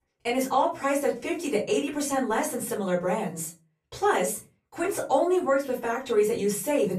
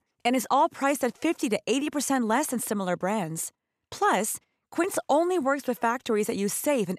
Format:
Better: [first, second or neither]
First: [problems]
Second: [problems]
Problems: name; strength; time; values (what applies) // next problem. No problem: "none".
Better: second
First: off-mic speech; far // room echo; very slight; dies away in 0.3 s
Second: none